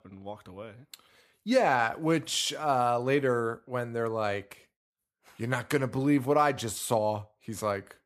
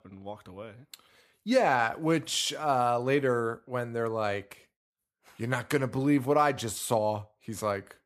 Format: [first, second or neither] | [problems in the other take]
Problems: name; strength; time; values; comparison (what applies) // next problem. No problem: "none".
neither | none